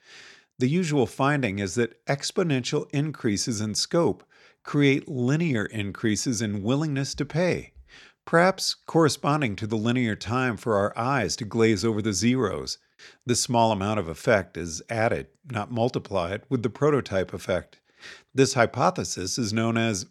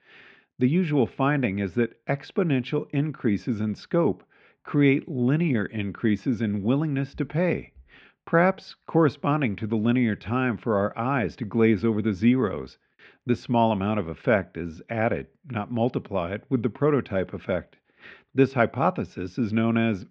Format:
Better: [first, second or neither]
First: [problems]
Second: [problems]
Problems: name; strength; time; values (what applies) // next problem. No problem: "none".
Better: first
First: none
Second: muffled; very; fading above 3 kHz